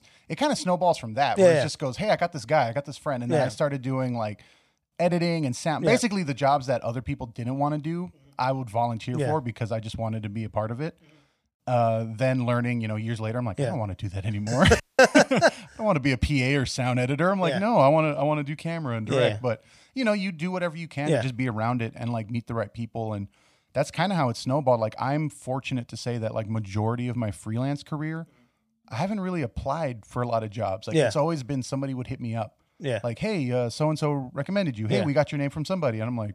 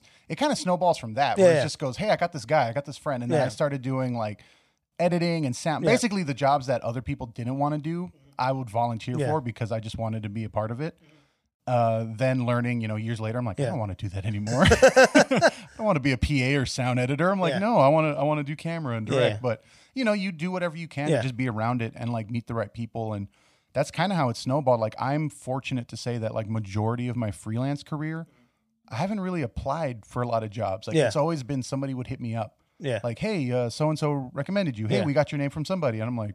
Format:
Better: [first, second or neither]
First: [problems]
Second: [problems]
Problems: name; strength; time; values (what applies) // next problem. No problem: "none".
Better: second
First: audio cutting out; at 15 s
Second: none